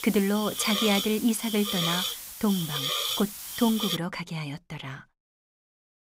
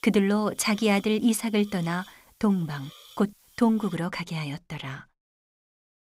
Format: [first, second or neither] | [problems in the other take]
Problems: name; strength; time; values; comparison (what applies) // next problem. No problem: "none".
second | hiss; loud; until 4 s; 1 dB below the speech; faint in the second